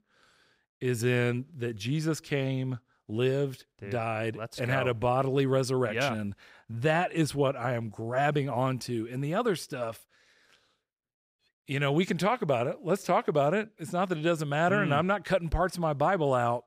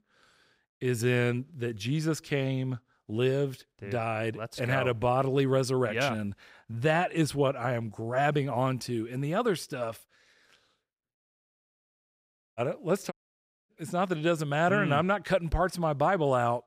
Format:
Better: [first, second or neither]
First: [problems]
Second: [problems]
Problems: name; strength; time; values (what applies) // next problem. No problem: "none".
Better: first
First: none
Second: audio cutting out; at 11 s for 1.5 s and at 13 s for 0.5 s